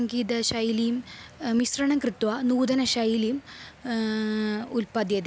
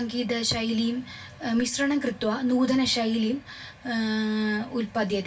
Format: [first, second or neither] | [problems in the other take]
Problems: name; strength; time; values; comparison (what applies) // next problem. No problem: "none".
first | room echo; dies away in 0.2 s